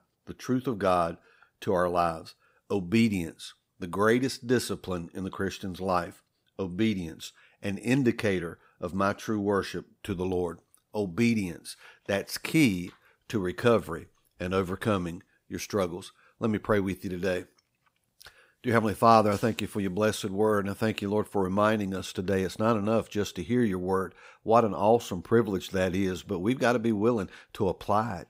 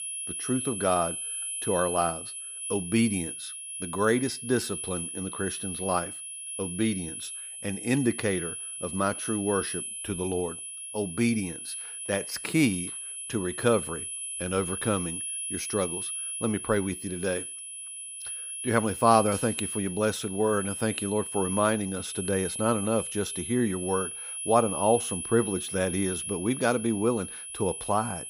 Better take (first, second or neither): first